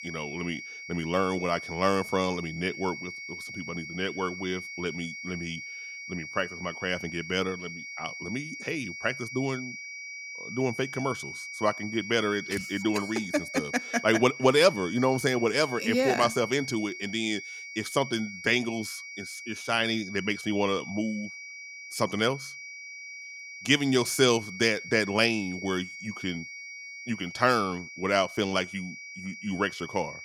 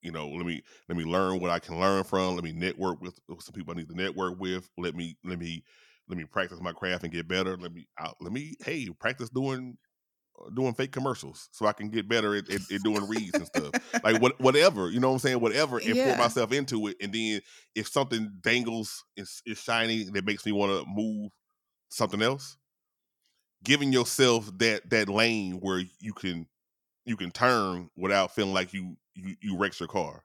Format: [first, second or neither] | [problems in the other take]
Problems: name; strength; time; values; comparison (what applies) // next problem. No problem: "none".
second | high-pitched whine; noticeable; throughout; 2 kHz, 10 dB below the speech